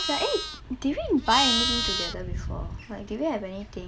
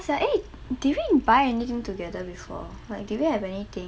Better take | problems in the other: second | background sound (Livestock, farm animals, working animals); 1 dB below the speech

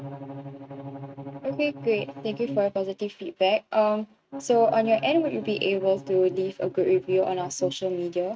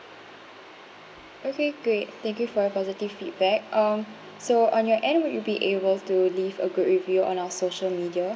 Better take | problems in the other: second | noise reduction (neural mask model RNNoise)

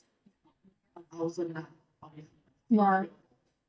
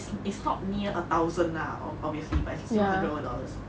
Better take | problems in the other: second | noise reduction (neural mask model DeepFilterNet 3)

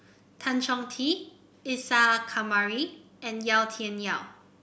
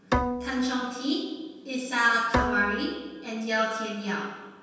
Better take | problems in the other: first | background sound (Bowed string instrument); 4 dB below the speech // room echo; dies away in 1.2 s

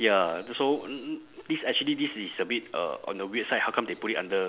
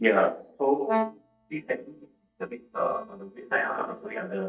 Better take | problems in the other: first | noise reduction (neural mask model DeepFilterNet 3)

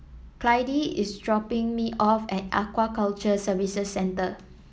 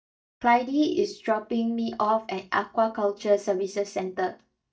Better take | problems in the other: first | noise reduction (neural mask model DeepFilterNet 3)

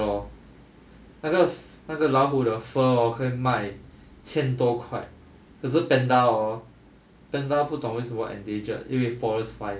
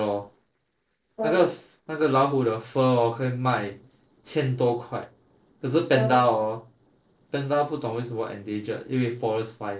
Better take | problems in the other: first | noise reduction (neural separator model SepFormer DNS4)

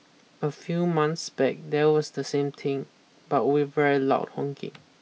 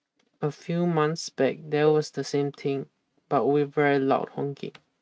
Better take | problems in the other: first | noise reduction (neural mask model RNNoise)

